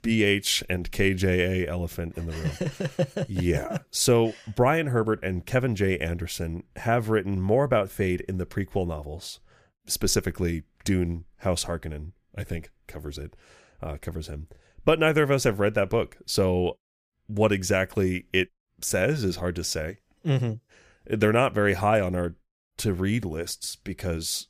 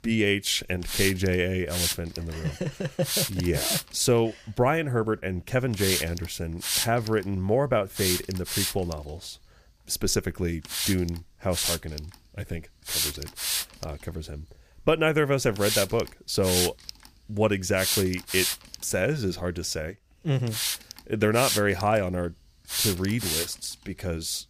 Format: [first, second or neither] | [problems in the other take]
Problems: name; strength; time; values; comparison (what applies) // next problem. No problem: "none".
first | hiss; loud; throughout; 1 dB below the speech